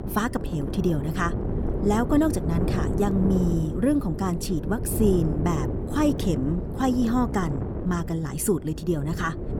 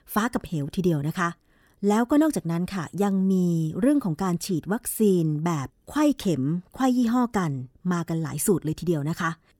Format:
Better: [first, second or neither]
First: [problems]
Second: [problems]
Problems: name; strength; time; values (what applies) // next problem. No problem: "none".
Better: second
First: wind noise on the microphone; heavy; 7 dB below the speech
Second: none